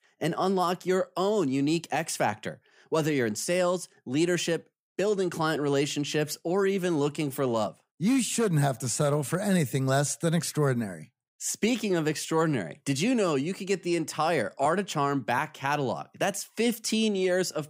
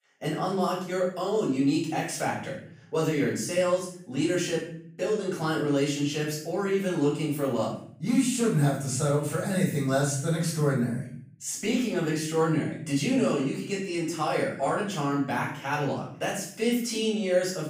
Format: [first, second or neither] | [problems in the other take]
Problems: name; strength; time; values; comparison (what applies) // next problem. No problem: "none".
first | room echo; noticeable; dies away in 0.6 s // off-mic speech; far